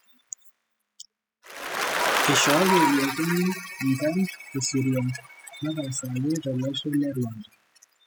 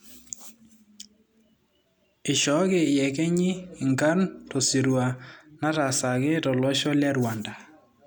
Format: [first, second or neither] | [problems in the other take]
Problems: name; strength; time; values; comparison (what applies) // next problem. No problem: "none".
second | noise reduction (classical method spectral subtraction)